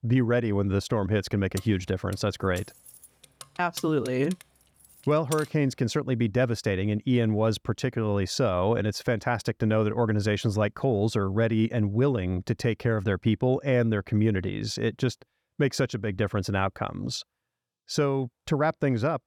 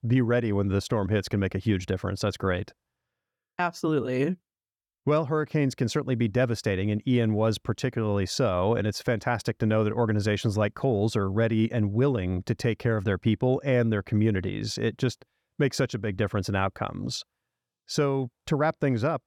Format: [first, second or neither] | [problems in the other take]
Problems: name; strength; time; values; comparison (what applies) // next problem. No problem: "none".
second | jangling keys; faint; from 1.5 to 5.5 s; peak 10 dB below the speech